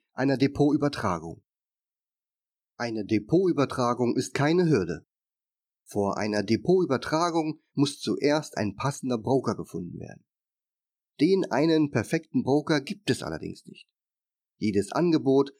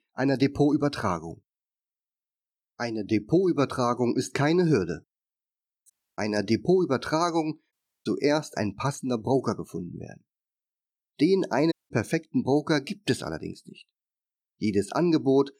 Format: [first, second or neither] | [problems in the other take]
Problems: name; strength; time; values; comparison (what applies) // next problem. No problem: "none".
first | audio cutting out; at 6 s, at 7.5 s and at 12 s